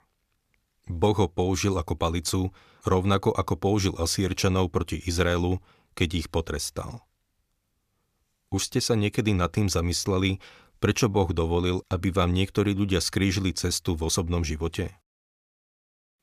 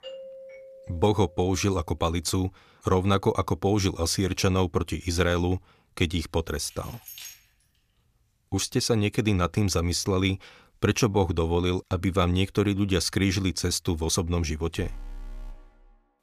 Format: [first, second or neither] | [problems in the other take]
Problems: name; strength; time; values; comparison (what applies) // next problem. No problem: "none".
first | doorbell; faint; until 1.5 s; peak 15 dB below the speech // jangling keys; faint; at 6.5 s; peak 15 dB below the speech // alarm; faint; from 15 s on; peak 15 dB below the speech